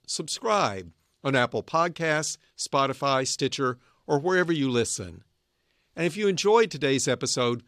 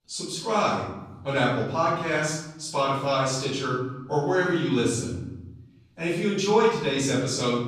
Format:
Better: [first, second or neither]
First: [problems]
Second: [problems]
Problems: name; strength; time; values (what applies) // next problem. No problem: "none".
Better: first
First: none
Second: off-mic speech; far // room echo; noticeable; dies away in 1.1 s